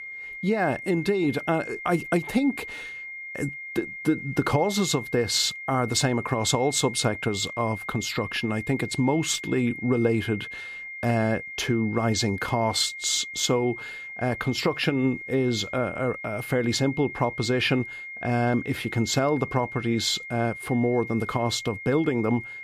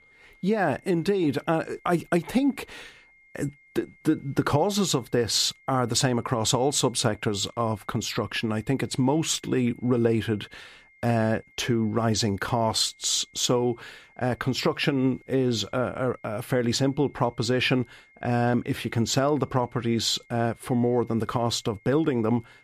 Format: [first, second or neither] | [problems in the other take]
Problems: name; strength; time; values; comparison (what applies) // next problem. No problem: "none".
second | high-pitched whine; loud; throughout; 2 kHz, 10 dB below the speech; faint in the second